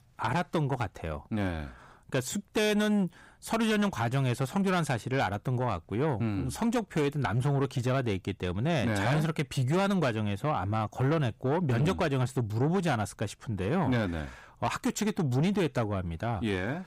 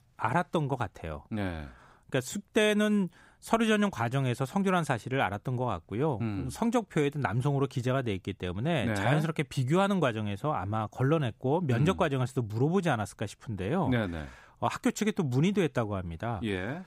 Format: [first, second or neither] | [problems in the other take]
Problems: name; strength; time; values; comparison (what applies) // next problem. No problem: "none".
second | distortion; slight; 10 dB below the speech